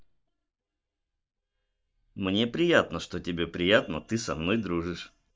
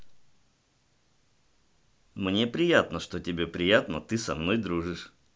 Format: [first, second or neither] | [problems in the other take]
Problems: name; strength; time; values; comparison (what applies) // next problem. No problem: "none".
second | noise reduction (neural mask model DeepFilterNet 3)